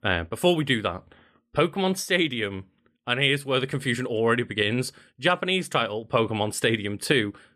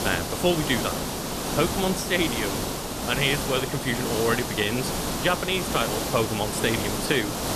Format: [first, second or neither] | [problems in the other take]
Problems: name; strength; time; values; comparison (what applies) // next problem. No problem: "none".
first | hiss; loud; throughout; 2 dB below the speech